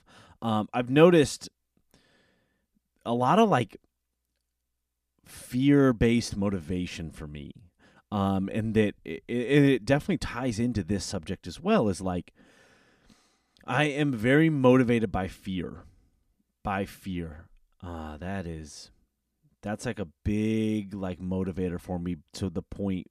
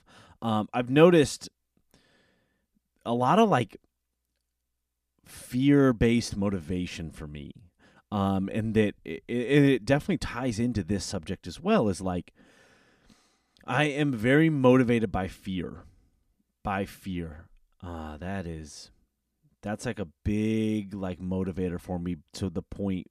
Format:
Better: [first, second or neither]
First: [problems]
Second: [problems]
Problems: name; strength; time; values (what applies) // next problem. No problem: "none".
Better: neither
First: none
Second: none